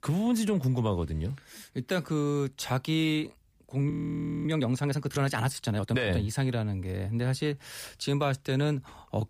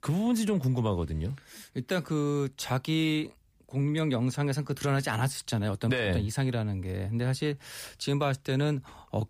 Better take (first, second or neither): second